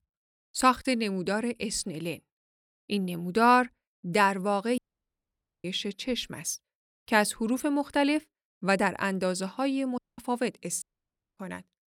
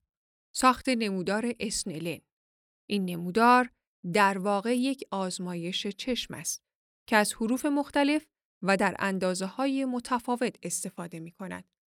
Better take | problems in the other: second | audio cutting out; at 5 s for 1 s, at 10 s and at 11 s for 0.5 s

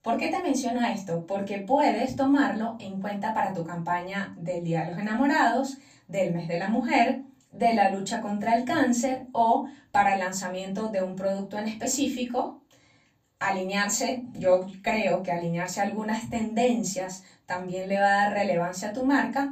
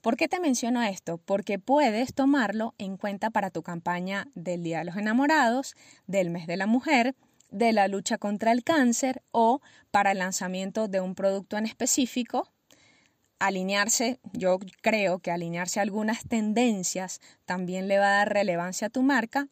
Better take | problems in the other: second | off-mic speech; far // room echo; slight; dies away in 0.3 s

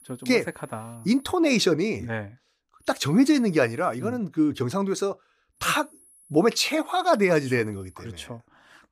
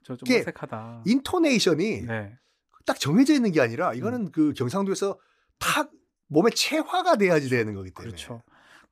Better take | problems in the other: second | high-pitched whine; faint; until 1.5 s, from 3 to 4 s and from 5.5 to 8 s; 10.5 kHz, 30 dB below the speech

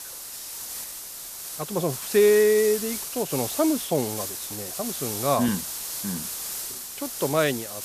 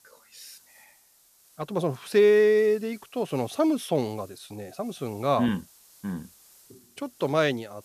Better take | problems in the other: second | hiss; loud; throughout; 7 dB below the speech; faint in the second

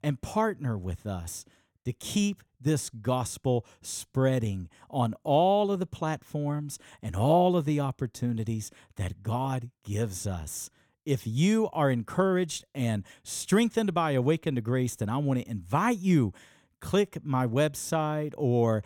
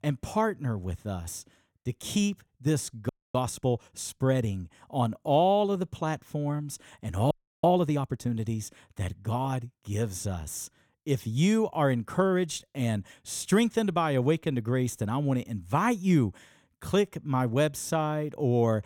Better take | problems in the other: first | audio freezing; at 3 s and at 7.5 s

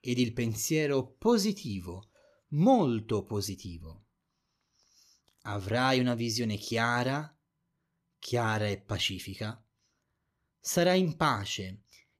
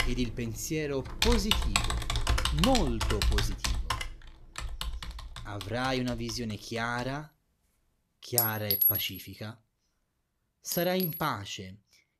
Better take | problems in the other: first | household noises; very loud; throughout; 3 dB above the speech

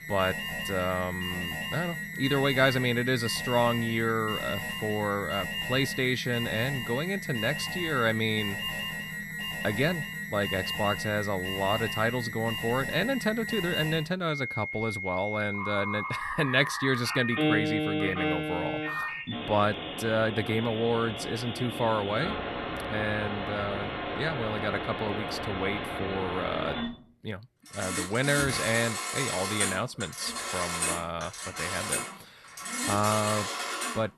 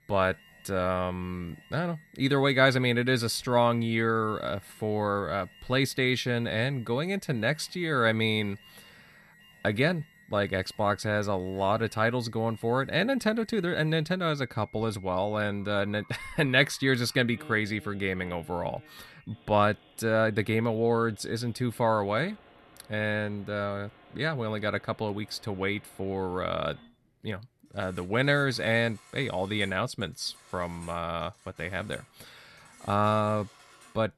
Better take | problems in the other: second | alarms or sirens; loud; throughout; 3 dB below the speech; faint in the second

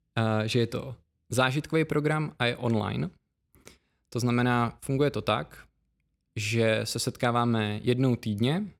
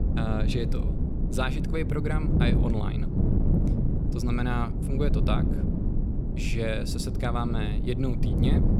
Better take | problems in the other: first | wind noise on the microphone; heavy; 3 dB below the speech

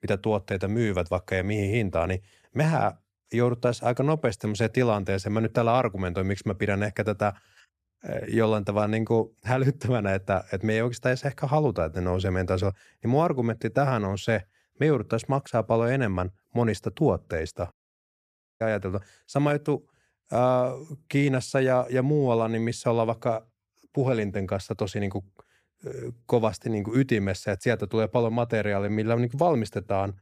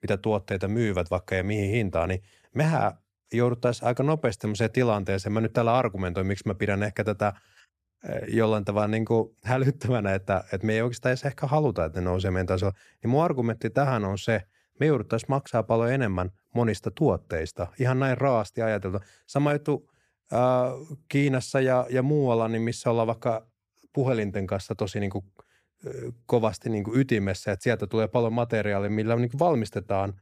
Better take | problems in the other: second | audio cutting out; at 18 s for 1 s

